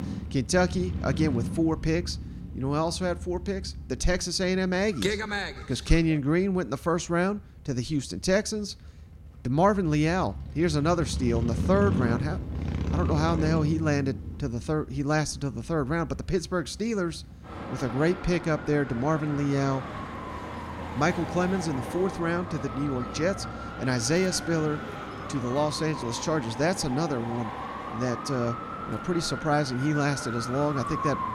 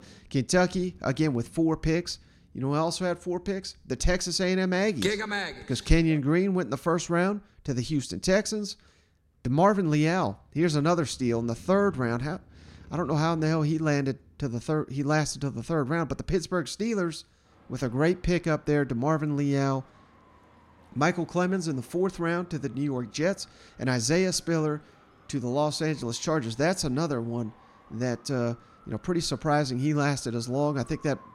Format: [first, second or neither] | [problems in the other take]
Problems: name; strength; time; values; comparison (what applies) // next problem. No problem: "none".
second | traffic noise; loud; throughout; 7 dB below the speech; faint in the second